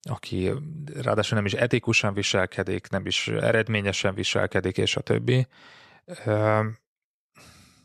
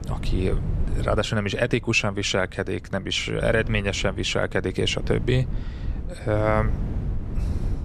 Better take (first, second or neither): first